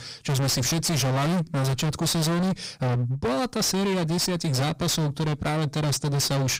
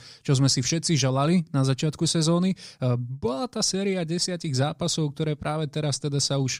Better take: second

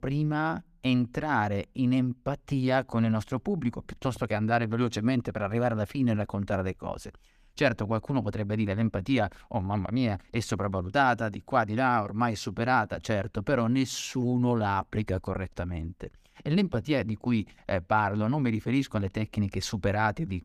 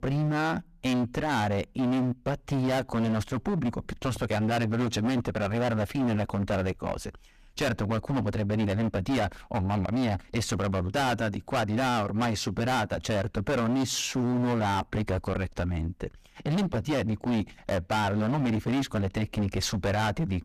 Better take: first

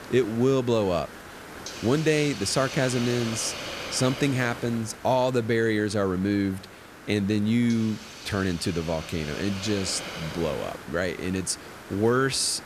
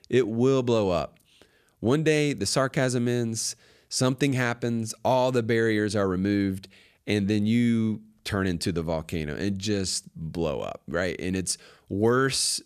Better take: second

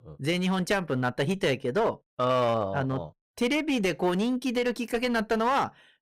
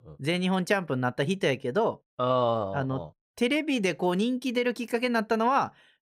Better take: second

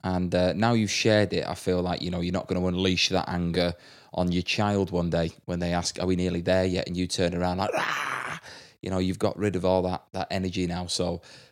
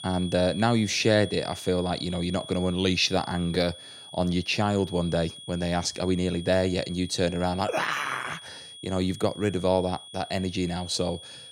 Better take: first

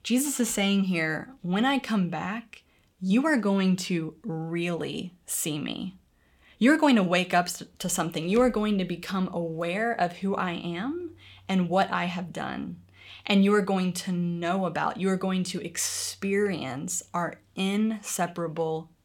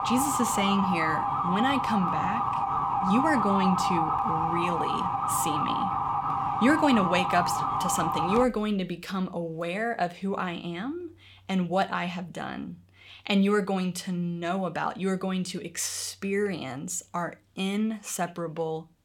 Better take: first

